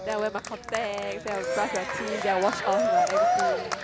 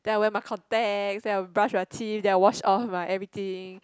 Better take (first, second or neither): second